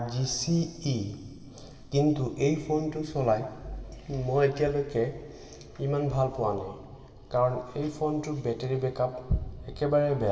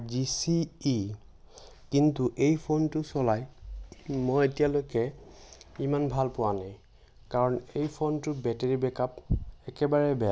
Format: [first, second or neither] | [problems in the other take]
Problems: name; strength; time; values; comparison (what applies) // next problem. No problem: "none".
second | room echo; dies away in 2.3 s